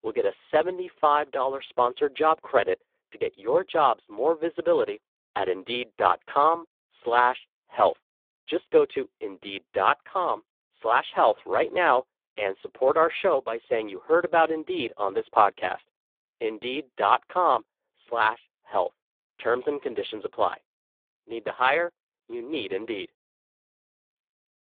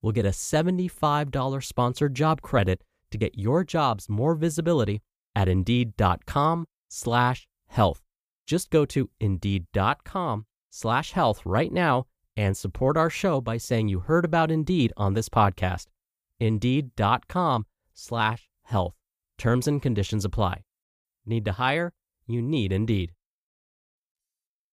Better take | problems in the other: second | phone-call audio; poor line

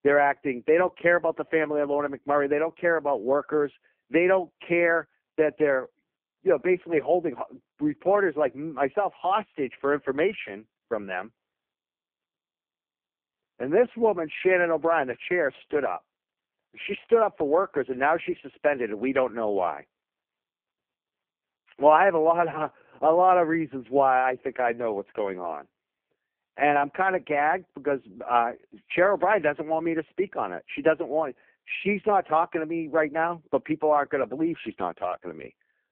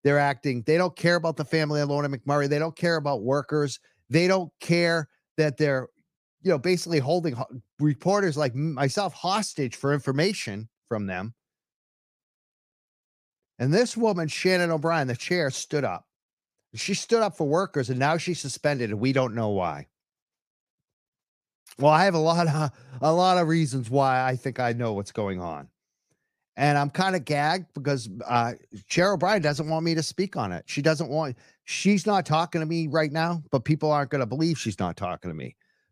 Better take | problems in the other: second | phone-call audio; poor line

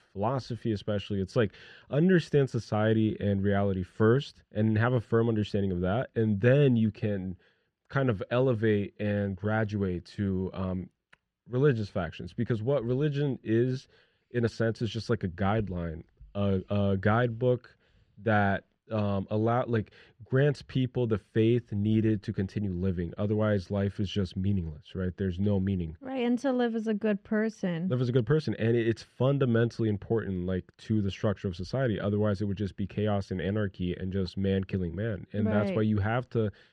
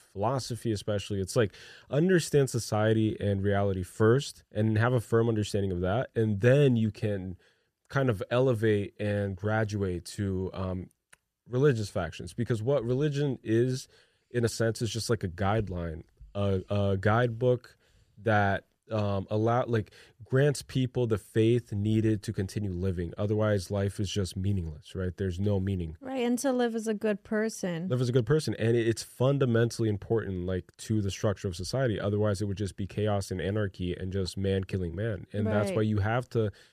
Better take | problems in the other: second | muffled; very slightly; fading above 3 kHz

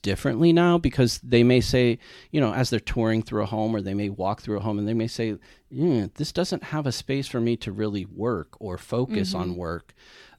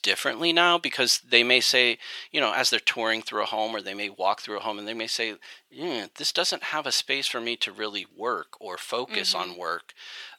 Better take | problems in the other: first | thin; very; fading below 800 Hz

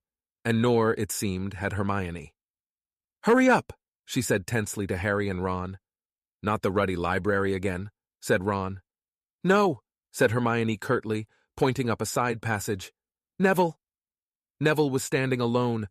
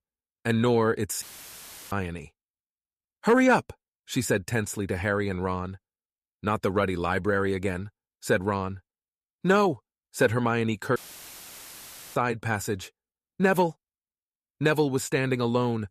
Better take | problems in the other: first | audio cutting out; filled with static; at 1 s for 0.5 s and at 11 s for 1 s

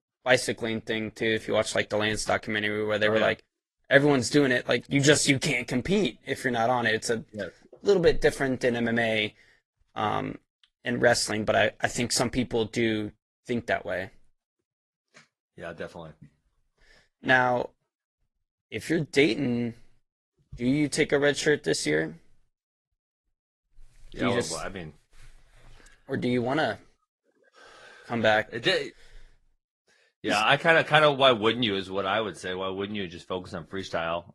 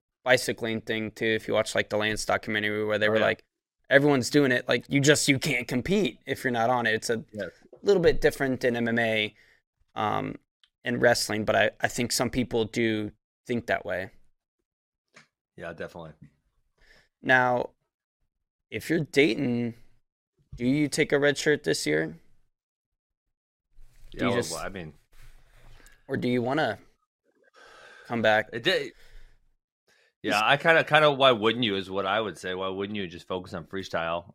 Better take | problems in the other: second | garbled, watery; slightly

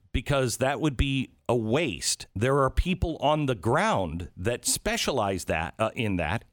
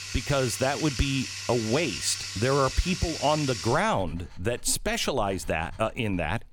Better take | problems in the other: first | household noises; loud; throughout; 6 dB below the speech

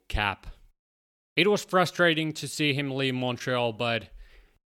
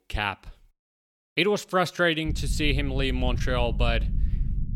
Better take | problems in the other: first | low rumble; noticeable; from 2.5 s on; 20 dB below the speech

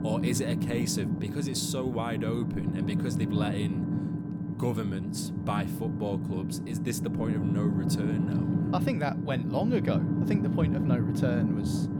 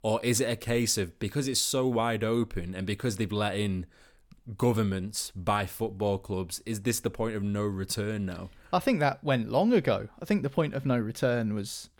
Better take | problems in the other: second | low rumble; loud; throughout; 2 dB below the speech

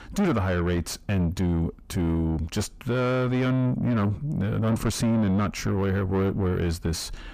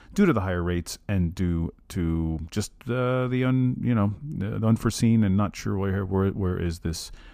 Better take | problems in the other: second | distortion; heavy; 7 dB below the speech

